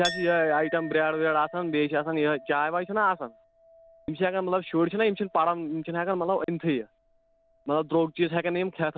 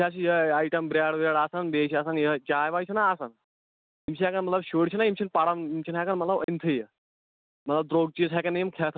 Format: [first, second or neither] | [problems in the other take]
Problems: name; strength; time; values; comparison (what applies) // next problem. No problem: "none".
second | background sound (Chink, clink); 17 dB below the speech